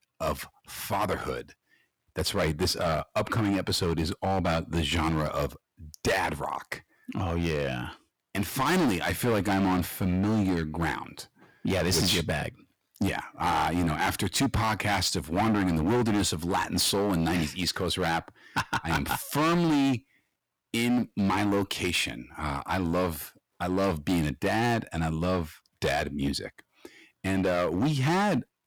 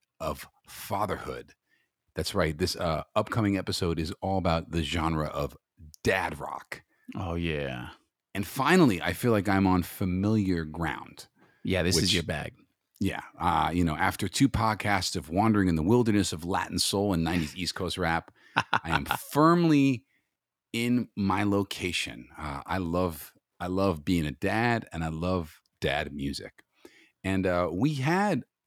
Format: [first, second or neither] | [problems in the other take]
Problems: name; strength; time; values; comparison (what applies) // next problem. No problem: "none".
second | distortion; heavy; 12% of the sound clipped